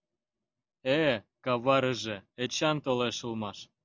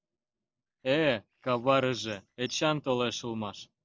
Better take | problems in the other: first | noise reduction (neural separator model SepFormer DNS4)

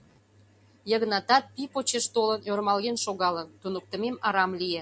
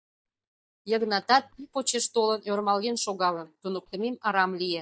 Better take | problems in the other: first | noise reduction (neural mask model DeepFilterNet 3)

